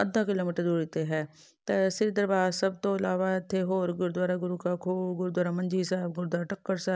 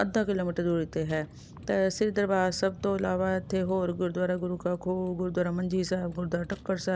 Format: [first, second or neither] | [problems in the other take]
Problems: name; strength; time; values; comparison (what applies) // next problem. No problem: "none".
first | background sound (Vehicle); 18 dB below the speech